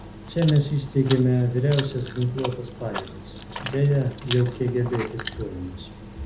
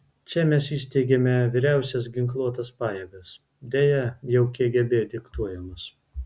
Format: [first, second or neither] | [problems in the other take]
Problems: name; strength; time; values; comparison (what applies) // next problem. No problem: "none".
second | background sound (Chewing, mastication); 12 dB below the speech // room echo; dies away in 0.4 s